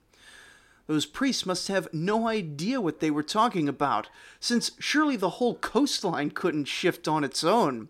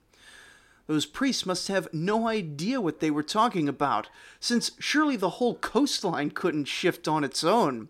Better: neither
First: none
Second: none

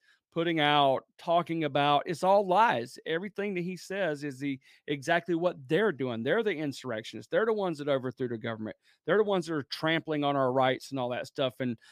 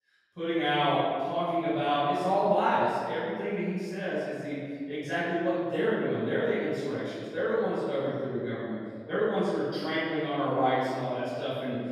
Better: first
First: none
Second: off-mic speech; far // room echo; strong; dies away in 1.8 s

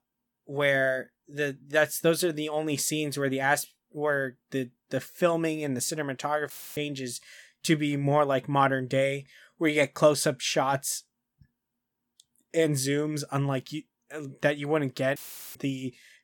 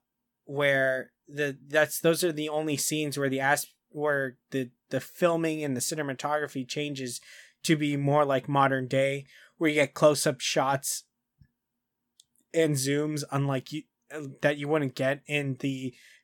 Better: second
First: audio cutting out; filled with static; at 6.5 s and at 15 s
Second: none

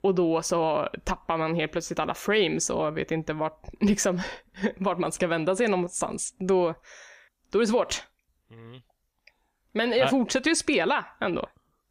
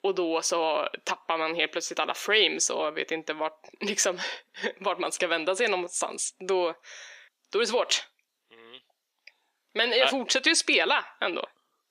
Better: first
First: none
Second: thin; somewhat; fading below 350 Hz

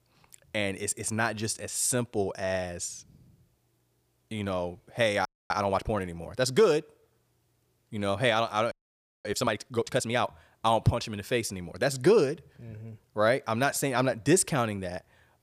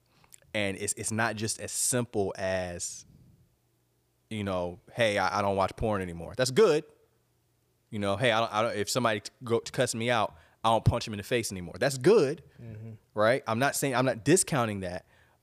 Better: second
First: audio freezing; at 5.5 s and at 8.5 s for 0.5 s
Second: none

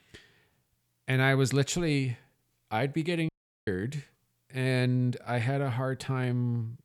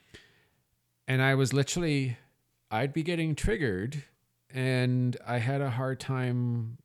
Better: second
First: audio cutting out; at 3.5 s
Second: none

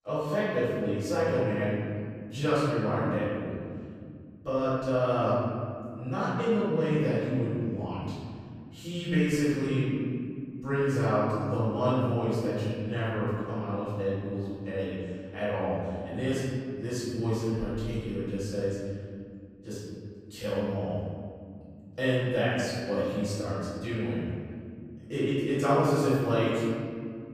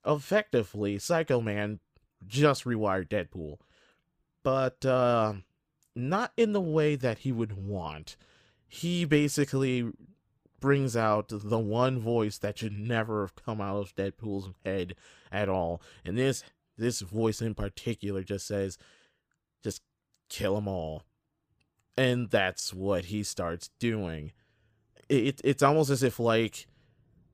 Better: second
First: room echo; strong; dies away in 2.5 s // off-mic speech; far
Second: none

